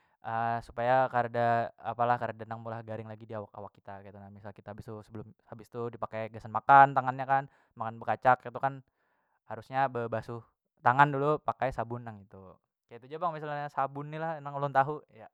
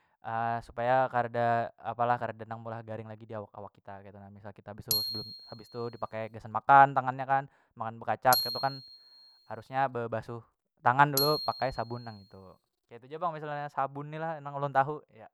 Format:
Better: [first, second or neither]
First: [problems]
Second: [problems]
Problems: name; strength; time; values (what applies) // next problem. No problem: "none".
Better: first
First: none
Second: background sound (Glockenspiel); 9 dB below the speech